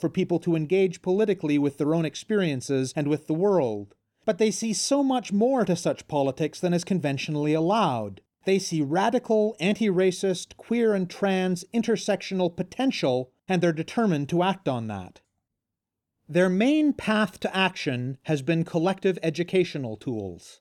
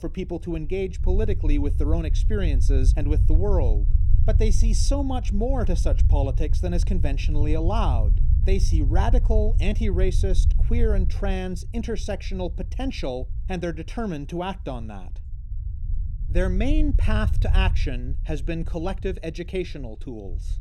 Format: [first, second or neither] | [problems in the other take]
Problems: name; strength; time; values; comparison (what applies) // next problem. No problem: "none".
first | low rumble; noticeable; throughout; 15 dB below the speech